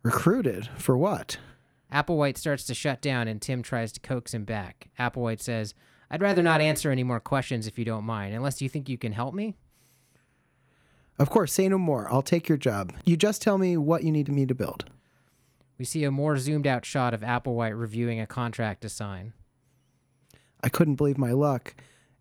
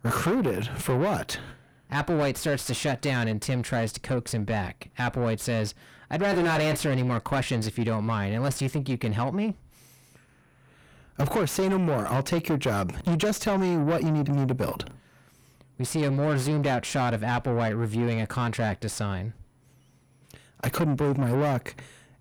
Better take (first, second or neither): first